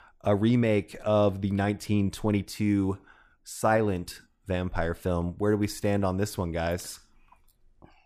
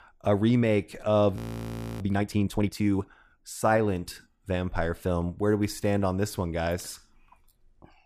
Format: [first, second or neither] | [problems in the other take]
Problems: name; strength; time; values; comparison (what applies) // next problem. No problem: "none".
first | audio freezing; at 1.5 s for 0.5 s